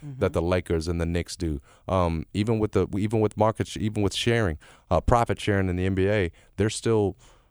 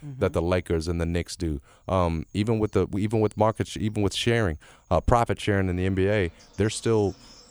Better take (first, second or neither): first